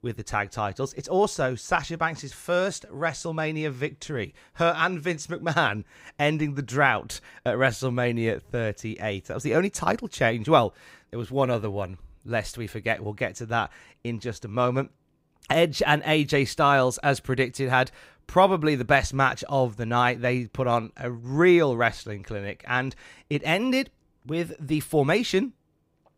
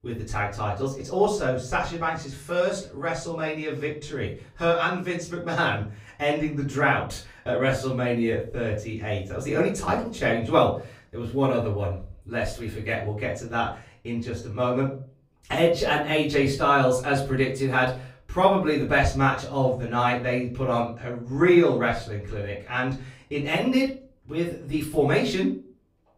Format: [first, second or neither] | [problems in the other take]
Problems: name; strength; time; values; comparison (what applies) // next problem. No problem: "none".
first | room echo; slight; dies away in 0.4 s // off-mic speech; far